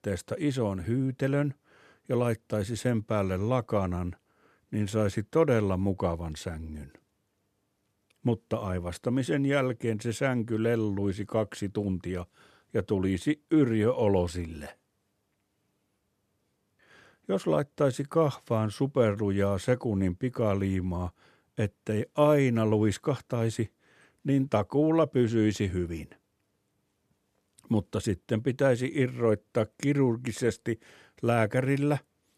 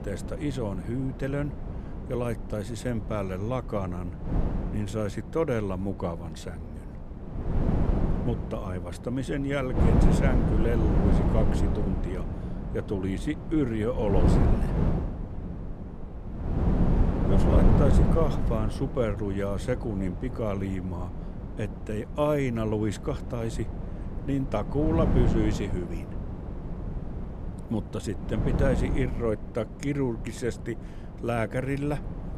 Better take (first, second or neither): first